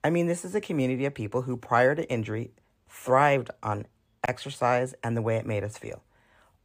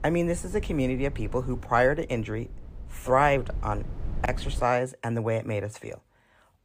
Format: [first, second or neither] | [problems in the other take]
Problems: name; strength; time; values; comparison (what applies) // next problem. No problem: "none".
first | wind noise on the microphone; occasional gusts; until 4.5 s; 25 dB below the speech